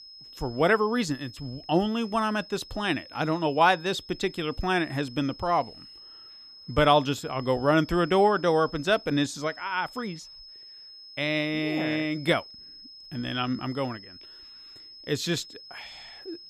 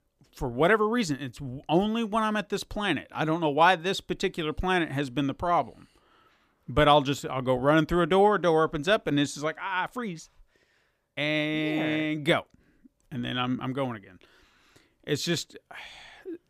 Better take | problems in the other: second | high-pitched whine; noticeable; throughout; 5 kHz, 20 dB below the speech

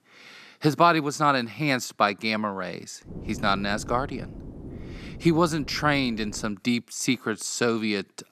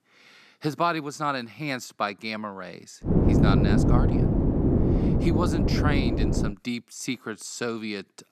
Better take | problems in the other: first | wind noise on the microphone; heavy; from 3 to 6.5 s; 1 dB above the speech; occasional gusts in the first

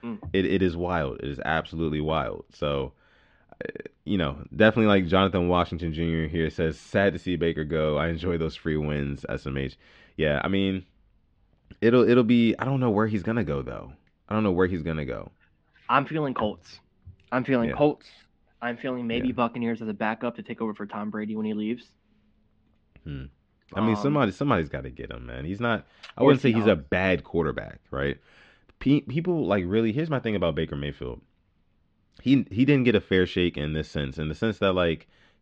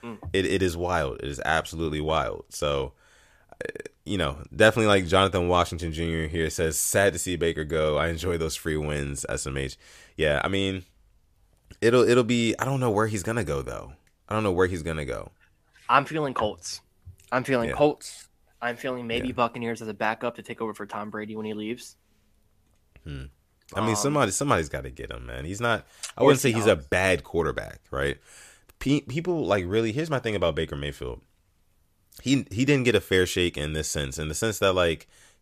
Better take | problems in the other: second | muffled; very; fading above 4 kHz

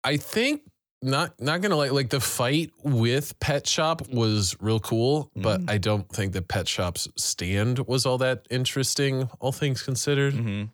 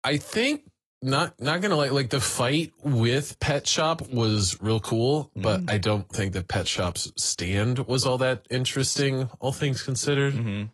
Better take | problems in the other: first | garbled, watery; slightly; nothing above 11.5 kHz

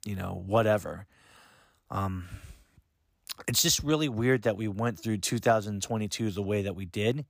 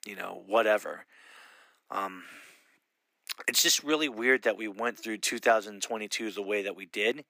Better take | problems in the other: first | thin; somewhat; fading below 300 Hz

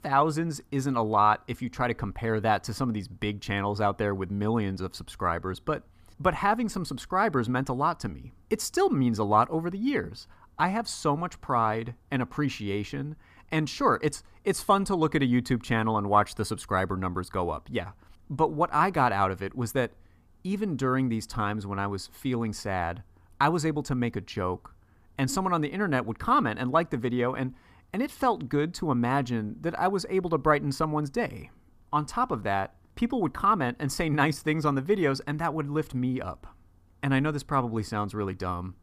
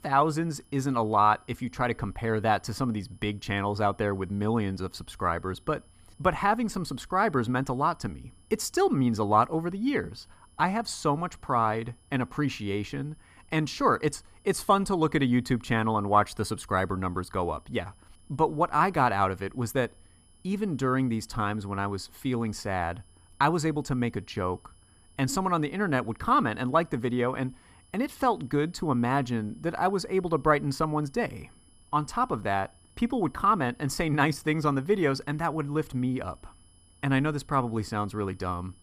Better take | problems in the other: first | high-pitched whine; faint; throughout; 10 kHz, 35 dB below the speech

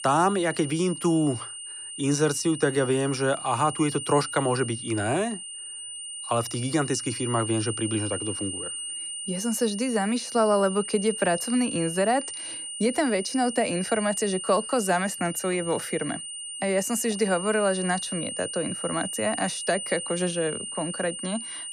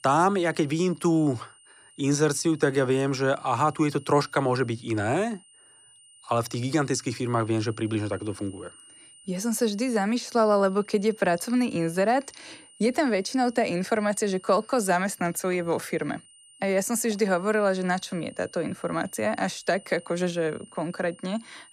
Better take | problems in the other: second | high-pitched whine; loud; throughout; 9 kHz, 7 dB below the speech; faint in the second

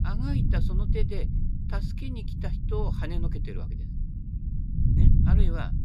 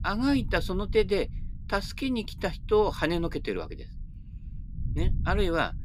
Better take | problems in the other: second | low rumble; loud; throughout; 1 dB below the speech; faint in the second

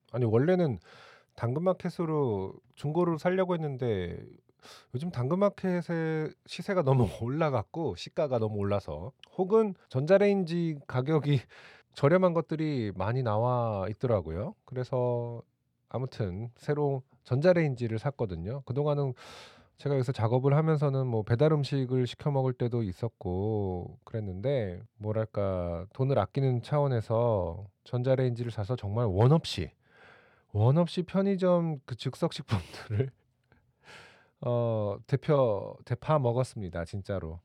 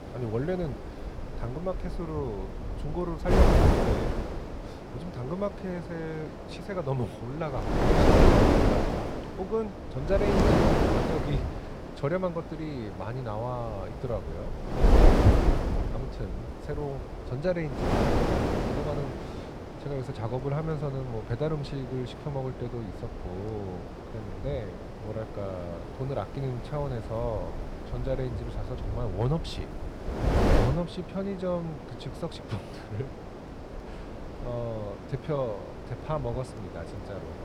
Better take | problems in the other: first | wind noise on the microphone; heavy; 3 dB above the speech

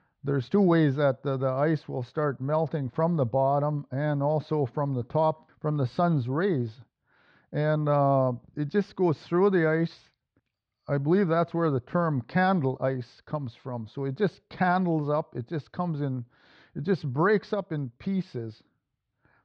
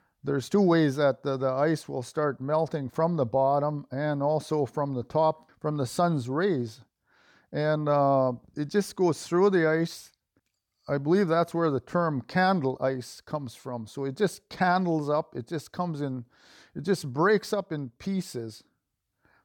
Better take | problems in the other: second | muffled; slightly; fading above 4 kHz

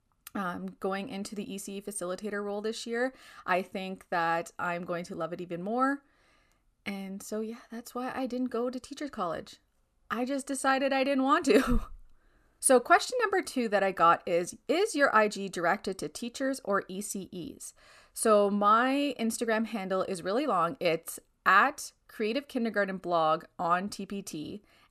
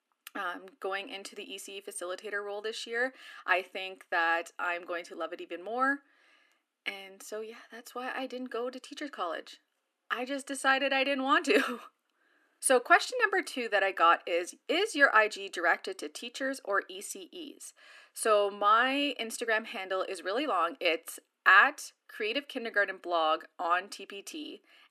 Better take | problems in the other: first | thin; very slightly; fading below 300 Hz

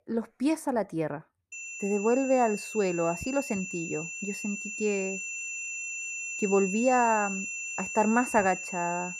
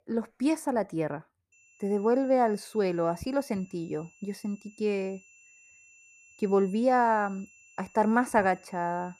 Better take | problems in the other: second | high-pitched whine; loud; from 1.5 s on; 2.5 kHz, 6 dB below the speech; faint in the second

